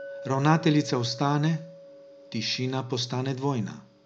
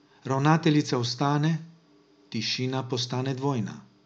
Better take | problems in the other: second | background sound (Chink, clink); 17 dB below the speech

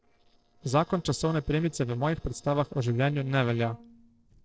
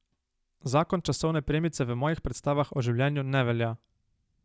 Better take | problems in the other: second | noise reduction (neural separator model SepFormer DNS4)

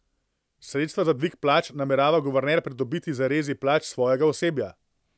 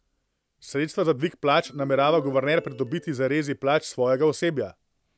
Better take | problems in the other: first | background sound (Ringtone); 17 dB below the speech

